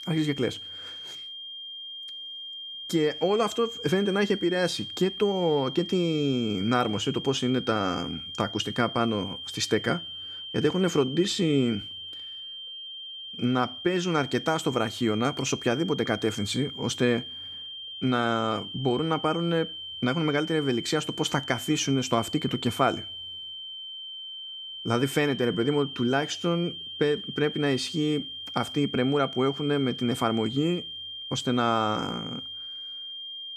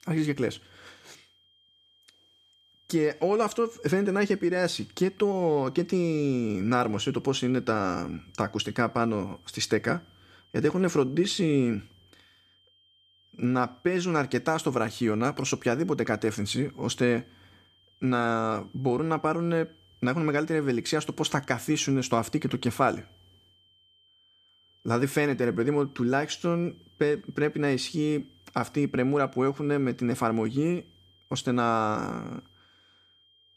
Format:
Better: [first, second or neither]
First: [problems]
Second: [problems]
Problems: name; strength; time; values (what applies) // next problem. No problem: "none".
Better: second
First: high-pitched whine; loud; throughout; 3 kHz, 9 dB below the speech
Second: high-pitched whine; faint; throughout; 3 kHz, 35 dB below the speech